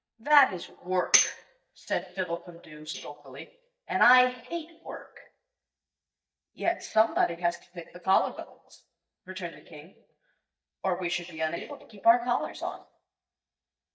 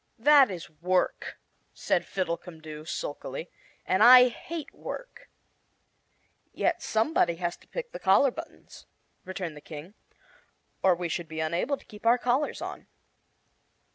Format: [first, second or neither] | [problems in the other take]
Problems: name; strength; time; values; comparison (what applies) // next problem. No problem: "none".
second | noise reduction (neural mask model DeepFilterNet 3)